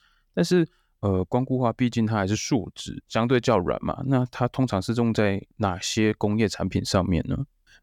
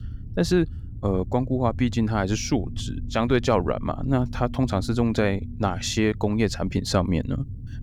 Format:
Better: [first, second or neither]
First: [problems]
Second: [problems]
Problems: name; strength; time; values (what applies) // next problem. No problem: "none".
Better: first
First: none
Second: low rumble; faint; throughout; 20 dB below the speech